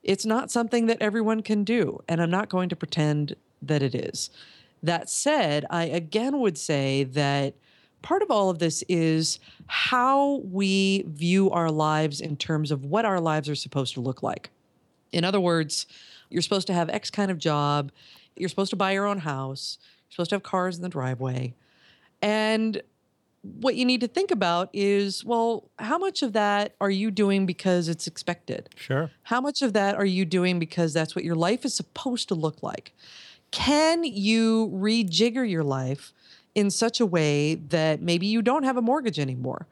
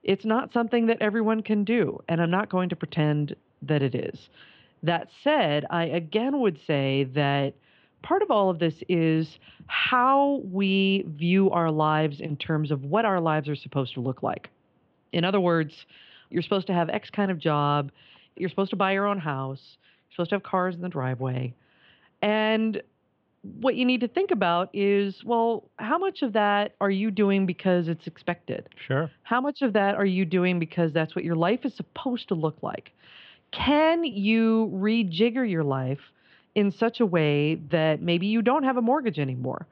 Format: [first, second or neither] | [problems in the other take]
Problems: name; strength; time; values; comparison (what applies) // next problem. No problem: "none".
first | muffled; very; fading above 3 kHz